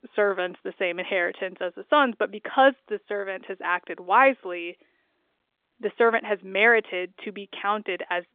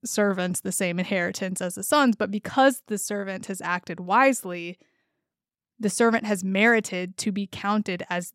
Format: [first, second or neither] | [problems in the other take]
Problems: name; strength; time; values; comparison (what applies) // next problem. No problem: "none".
second | phone-call audio; nothing above 3.5 kHz